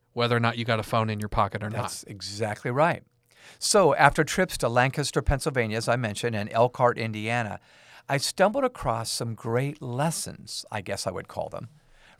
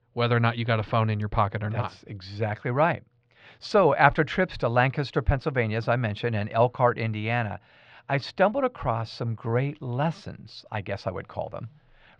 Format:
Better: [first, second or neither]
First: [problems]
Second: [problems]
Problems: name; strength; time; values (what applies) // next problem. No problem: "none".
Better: first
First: none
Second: muffled; slightly; fading above 3.5 kHz